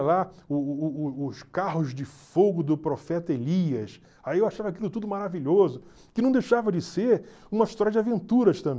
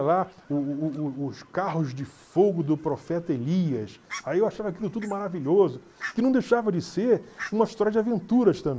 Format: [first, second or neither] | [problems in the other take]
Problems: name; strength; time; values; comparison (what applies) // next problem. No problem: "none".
first | noise reduction (neural mask model Resemble Enhance denoiser)